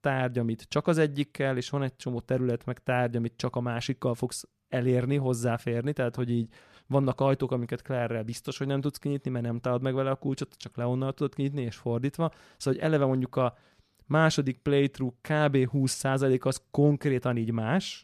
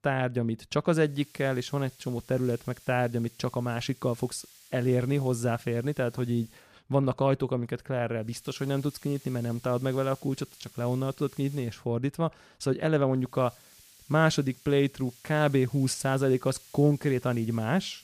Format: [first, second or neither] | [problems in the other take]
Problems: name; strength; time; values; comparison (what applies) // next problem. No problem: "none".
first | hiss; faint; from 1 to 6.5 s, from 8.5 to 12 s and from 13 s on; 25 dB below the speech